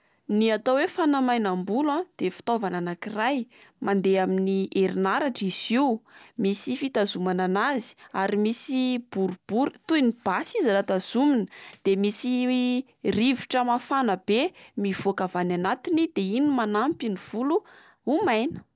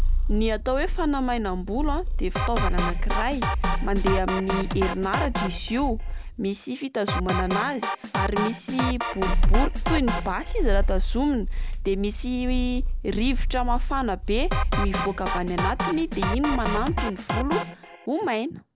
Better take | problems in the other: first | background sound (Drum kit + Purr); 2 dB above the speech

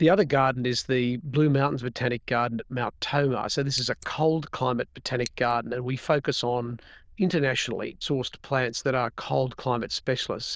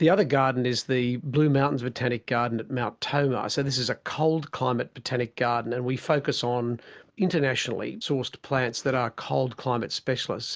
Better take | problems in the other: second | noise reduction (neural diffusion model UNIVERSE++)

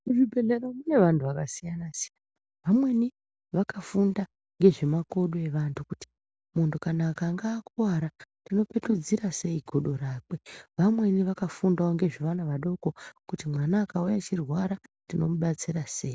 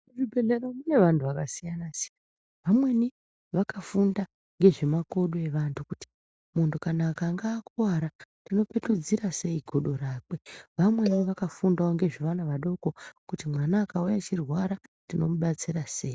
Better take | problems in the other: first | noise reduction (neural mask model DeepFilterNet 3)

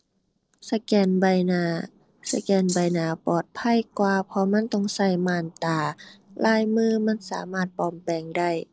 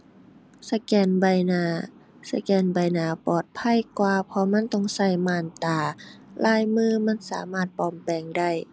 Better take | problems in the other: second | noise reduction (neural separator model SepFormer DNS4)

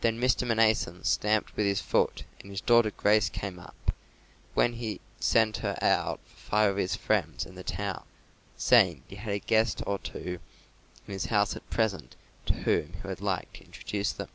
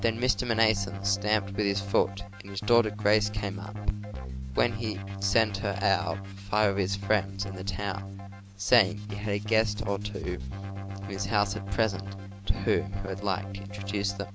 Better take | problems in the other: first | background sound (Keyboard (musical)); 7 dB below the speech

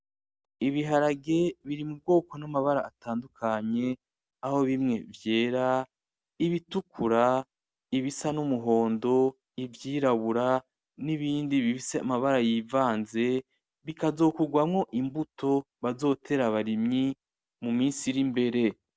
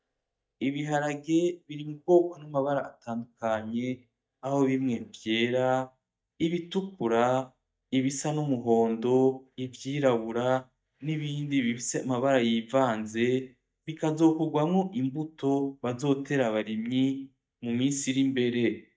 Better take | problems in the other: first | noise reduction (neural mask model DeepFilterNet 3)

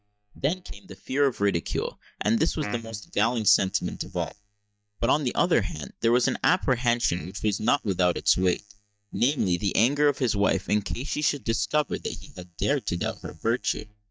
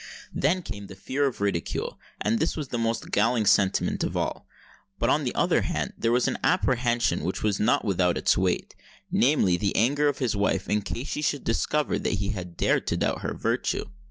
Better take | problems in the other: second | noise reduction (neural mask model DeepFilterNet 3)

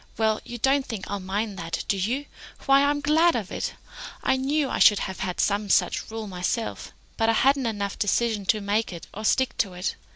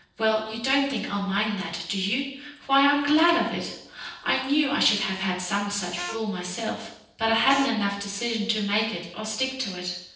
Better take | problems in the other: first | noise reduction (neural separator model SepFormer DNS4)

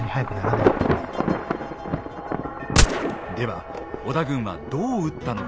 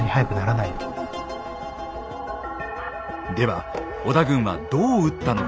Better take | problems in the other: second | background sound (Gunshot, gunfire + Thunder / Traffic noise, roadway noise / Rain / Insect); 3 dB above the speech

